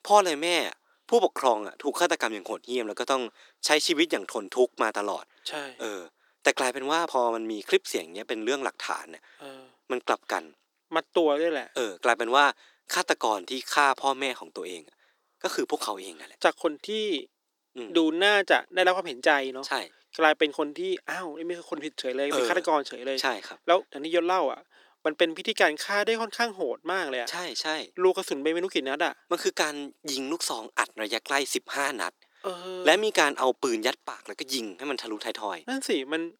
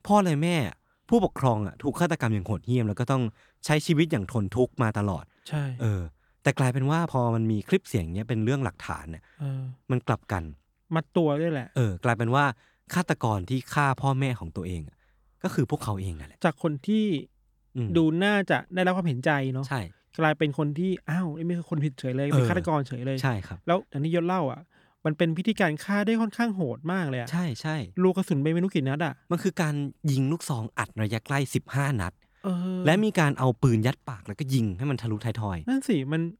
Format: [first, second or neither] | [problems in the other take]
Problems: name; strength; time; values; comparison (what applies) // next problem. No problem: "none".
second | thin; very; fading below 350 Hz